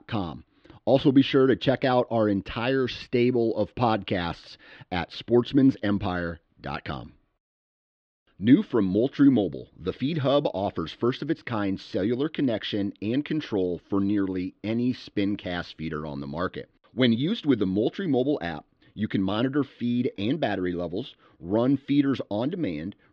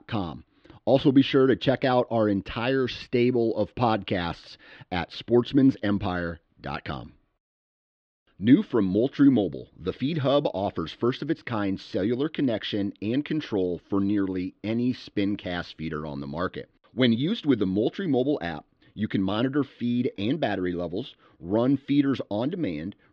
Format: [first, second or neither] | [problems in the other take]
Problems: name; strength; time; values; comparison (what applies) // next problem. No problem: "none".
neither | muffled; slightly; fading above 4 kHz; the same in both